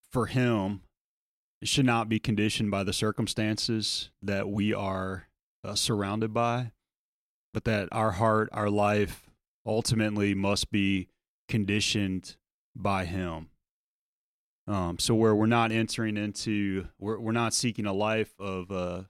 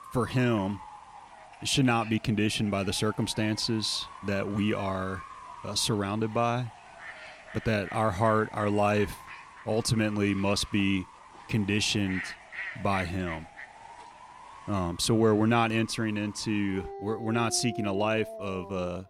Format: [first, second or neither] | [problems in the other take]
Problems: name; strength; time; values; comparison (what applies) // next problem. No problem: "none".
first | animal sounds; noticeable; throughout; 15 dB below the speech